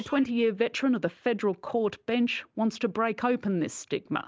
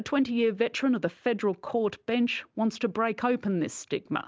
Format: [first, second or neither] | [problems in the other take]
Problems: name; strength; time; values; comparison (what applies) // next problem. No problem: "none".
second | noise reduction (neural mask model Resemble Enhance denoiser)